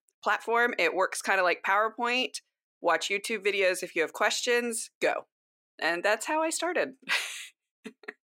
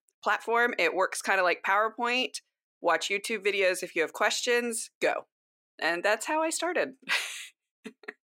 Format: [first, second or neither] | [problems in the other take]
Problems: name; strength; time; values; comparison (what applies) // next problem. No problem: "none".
neither | thin; somewhat; fading below 450 Hz; the same in both